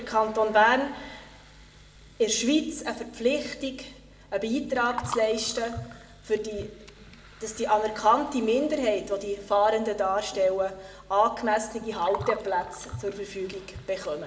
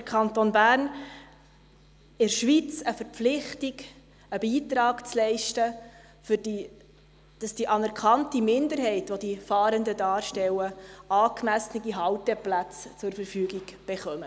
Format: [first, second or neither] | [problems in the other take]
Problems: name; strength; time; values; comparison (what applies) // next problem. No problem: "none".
second | background sound (Gurgling); 17 dB below the speech // room echo; dies away in 0.6 s